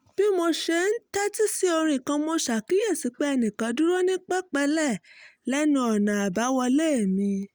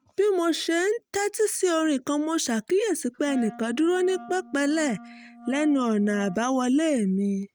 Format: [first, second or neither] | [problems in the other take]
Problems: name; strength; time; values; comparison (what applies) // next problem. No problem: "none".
first | noise reduction (neural mask model RNNoise)